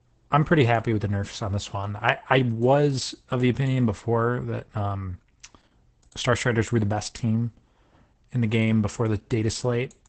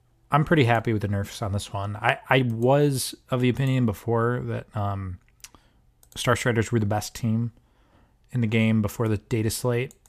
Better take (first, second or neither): second